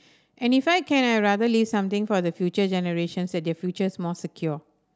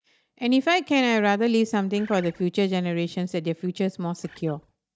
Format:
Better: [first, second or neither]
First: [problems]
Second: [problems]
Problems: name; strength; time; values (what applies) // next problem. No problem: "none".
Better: first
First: none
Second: noise reduction (neural mask model DeepFilterNet 3)